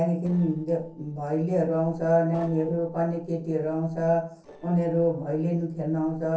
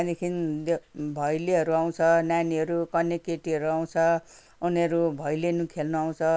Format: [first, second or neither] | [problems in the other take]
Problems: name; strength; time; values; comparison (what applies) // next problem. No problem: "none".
second | noise reduction (neural separator model SepFormer DNS4)